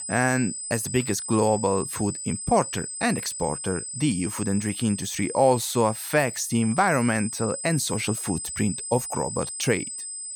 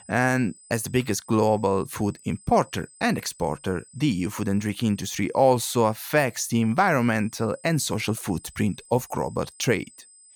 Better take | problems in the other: second | high-pitched whine; loud; throughout; 8 kHz, 6 dB below the speech; faint in the second

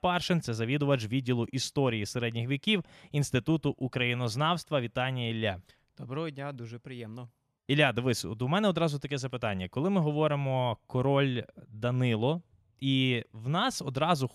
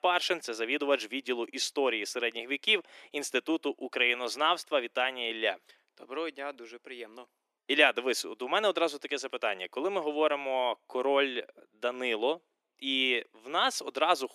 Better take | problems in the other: first | thin; somewhat; fading below 300 Hz

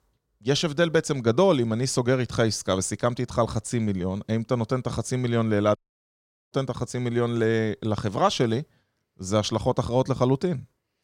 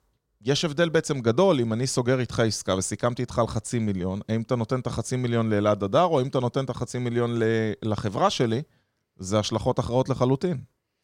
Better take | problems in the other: second | audio cutting out; at 6 s for 1 s

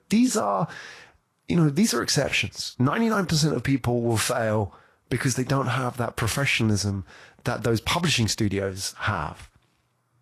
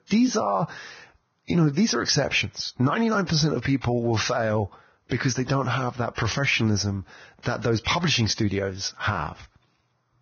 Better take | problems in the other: first | garbled, watery; badly; nothing above 6.5 kHz; slightly in the first

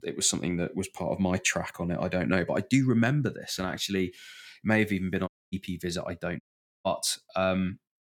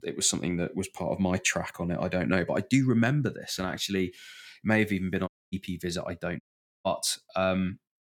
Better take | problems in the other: neither | audio cutting out; at 5.5 s and at 6.5 s; the same in both

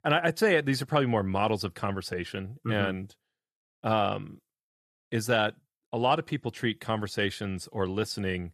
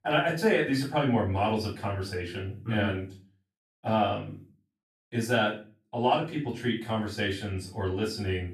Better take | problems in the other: first | off-mic speech; far // room echo; slight; dies away in 0.3 s

